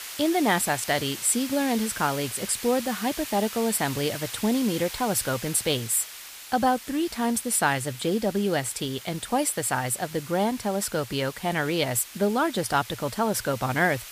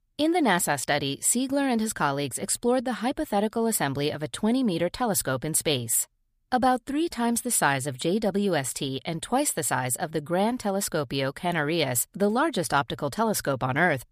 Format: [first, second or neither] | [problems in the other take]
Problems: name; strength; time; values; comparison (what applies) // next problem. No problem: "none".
second | hiss; noticeable; throughout; 10 dB below the speech